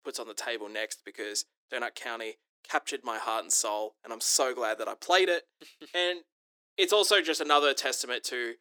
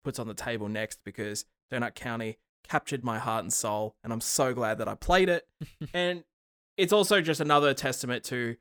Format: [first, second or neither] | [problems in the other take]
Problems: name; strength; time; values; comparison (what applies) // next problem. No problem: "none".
second | thin; somewhat; fading below 300 Hz